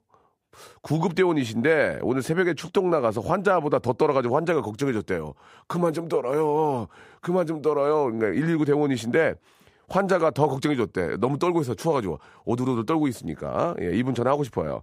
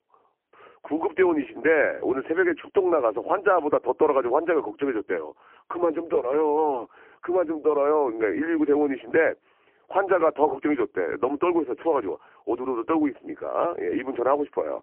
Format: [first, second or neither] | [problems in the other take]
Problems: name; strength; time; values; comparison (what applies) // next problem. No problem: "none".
first | phone-call audio; poor line